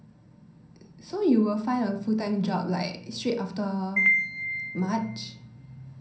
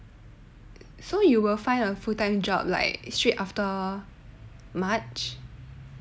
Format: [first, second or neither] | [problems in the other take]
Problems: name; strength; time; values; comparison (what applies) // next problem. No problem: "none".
second | background sound (Piano); as loud as the speech // room echo; dies away in 0.6 s